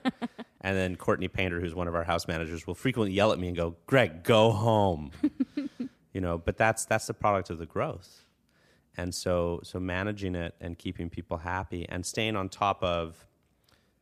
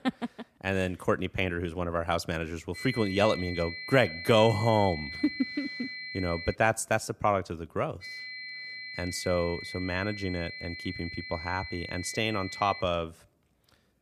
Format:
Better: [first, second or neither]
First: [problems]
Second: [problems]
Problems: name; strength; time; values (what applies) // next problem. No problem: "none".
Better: first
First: none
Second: high-pitched whine; loud; from 3 to 6.5 s and from 8 to 13 s; 2 kHz, 9 dB below the speech